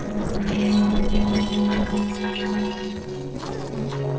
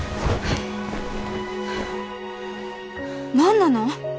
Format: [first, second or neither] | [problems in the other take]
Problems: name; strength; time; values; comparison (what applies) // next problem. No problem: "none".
second | noise reduction (neural separator model SepFormer DNS4)